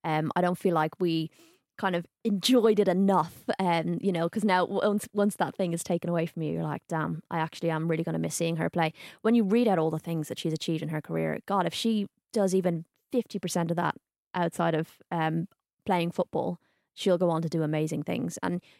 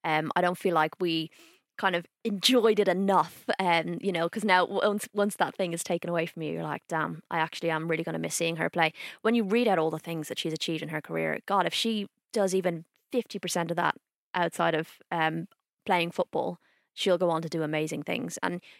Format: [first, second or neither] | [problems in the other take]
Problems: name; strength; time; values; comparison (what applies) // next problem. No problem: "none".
first | thin; very slightly; fading below 350 Hz